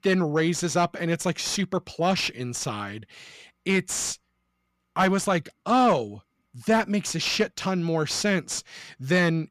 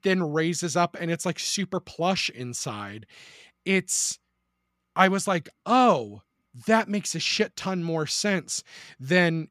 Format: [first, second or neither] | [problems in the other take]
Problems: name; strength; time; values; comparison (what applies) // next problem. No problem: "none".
second | distortion; slight; 10 dB below the speech